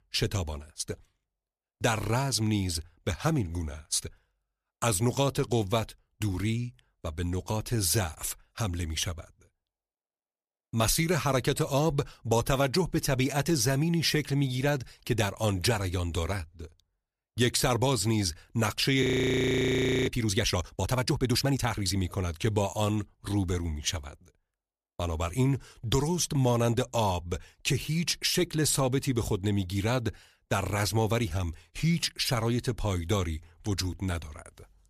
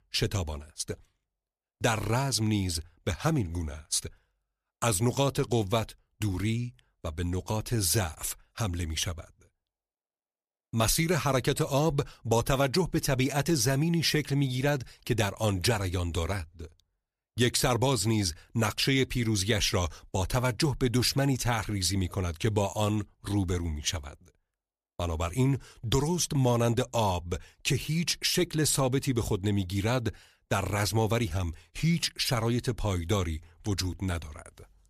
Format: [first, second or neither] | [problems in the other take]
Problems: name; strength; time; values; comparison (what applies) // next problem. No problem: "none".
second | audio freezing; at 19 s for 1 s